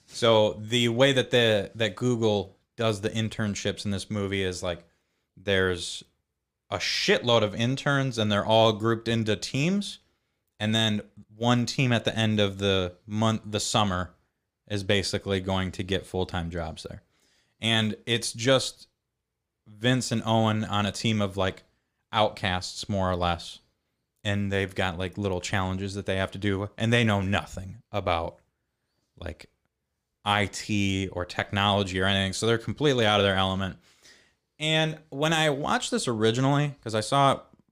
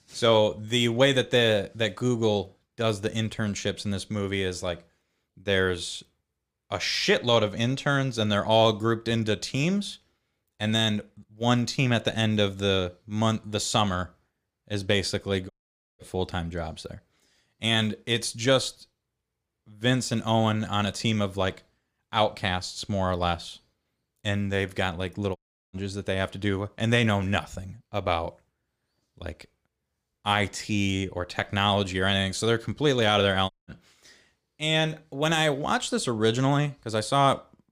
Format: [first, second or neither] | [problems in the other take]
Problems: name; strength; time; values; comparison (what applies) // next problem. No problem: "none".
first | audio cutting out; at 16 s, at 25 s and at 34 s